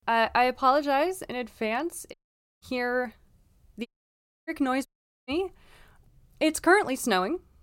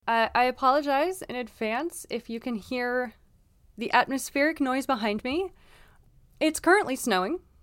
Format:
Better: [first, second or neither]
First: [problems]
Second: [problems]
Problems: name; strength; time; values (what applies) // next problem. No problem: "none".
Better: second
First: audio cutting out; at 2 s, at 4 s for 0.5 s and at 5 s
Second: none